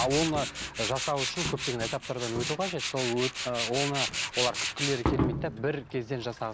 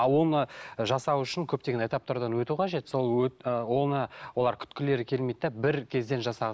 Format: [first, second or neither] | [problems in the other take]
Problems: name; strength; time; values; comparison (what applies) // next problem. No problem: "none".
second | background sound (Tools); 2 dB below the speech